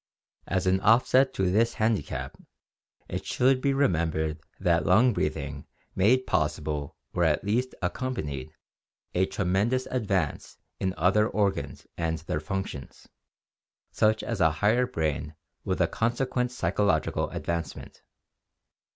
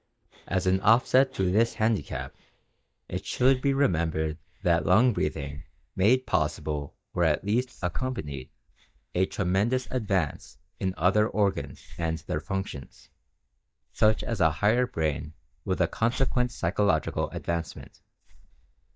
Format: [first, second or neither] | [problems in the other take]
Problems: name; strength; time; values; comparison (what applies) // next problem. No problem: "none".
first | noise reduction (neural mask model DeepFilterNet 3)